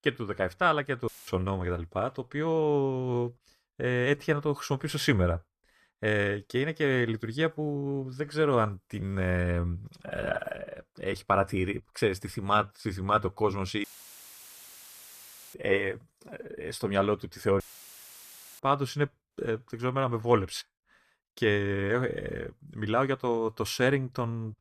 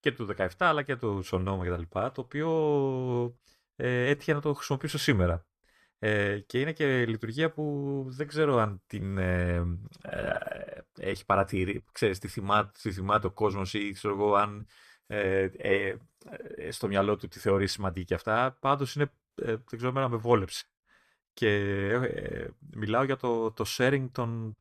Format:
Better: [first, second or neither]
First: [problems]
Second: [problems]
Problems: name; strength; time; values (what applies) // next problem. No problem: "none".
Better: second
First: audio cutting out; filled with static; at 1 s, at 14 s for 1.5 s and at 18 s for 1 s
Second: none